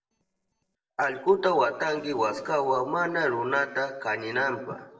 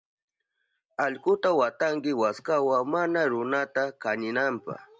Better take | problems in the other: second | noise reduction (neural separator model SepFormer DNS4)

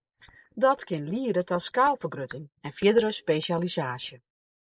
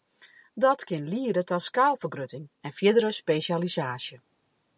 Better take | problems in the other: second | noise reduction (neural mask model Resemble Enhance denoiser)

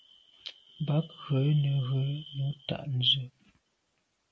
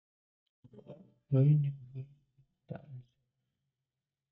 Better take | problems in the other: first | noise reduction (neural mask model DeepFilterNet 3)

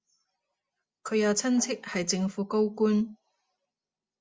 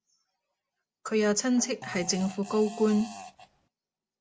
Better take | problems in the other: first | background sound (Fart); 14 dB below the speech

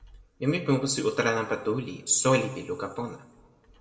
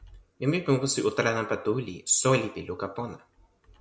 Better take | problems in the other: second | room echo; dies away in 1 s

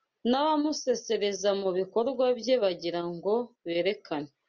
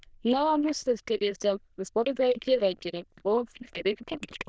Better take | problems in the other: first | noise reduction (neural diffusion model UNIVERSE++)

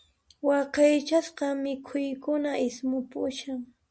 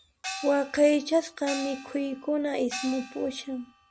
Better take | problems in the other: first | background sound (Gong); 13 dB below the speech

